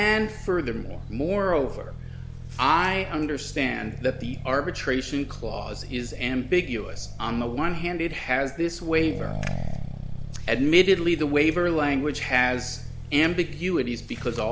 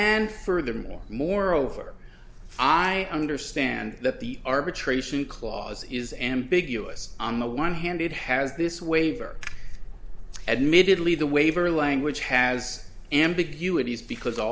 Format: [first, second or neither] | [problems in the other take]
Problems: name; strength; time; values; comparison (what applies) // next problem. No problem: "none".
second | background sound (Accelerating, revving, vroom); 11 dB below the speech